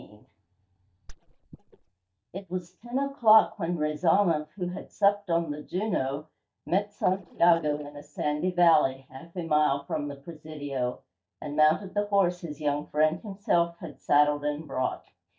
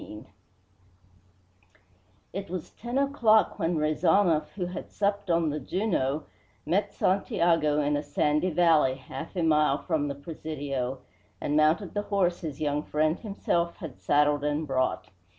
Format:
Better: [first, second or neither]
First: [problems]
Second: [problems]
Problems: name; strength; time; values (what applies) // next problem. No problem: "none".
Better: second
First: noise reduction (neural mask model DeepFilterNet 3)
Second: none